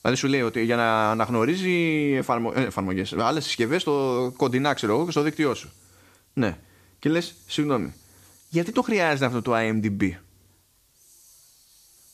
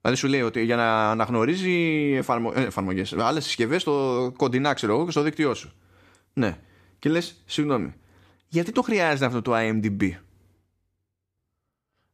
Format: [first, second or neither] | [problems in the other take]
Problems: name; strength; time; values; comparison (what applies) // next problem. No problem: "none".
second | hiss; faint; throughout; 30 dB below the speech